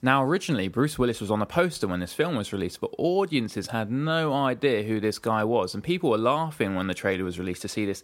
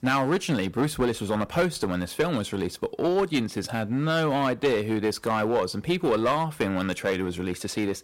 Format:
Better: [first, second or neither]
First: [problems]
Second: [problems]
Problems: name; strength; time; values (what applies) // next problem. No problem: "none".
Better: first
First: none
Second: distortion; slight; 6% of the sound clipped